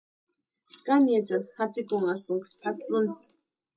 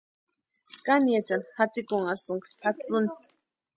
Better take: second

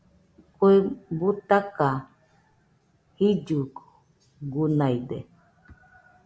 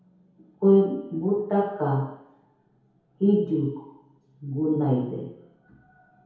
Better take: first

